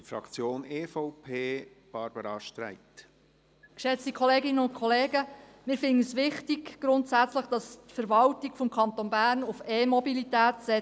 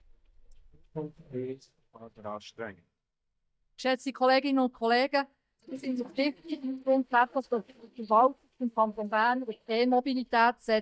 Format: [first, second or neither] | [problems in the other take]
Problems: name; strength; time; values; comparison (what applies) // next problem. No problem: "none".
first | noise reduction (neural mask model DeepFilterNet 3)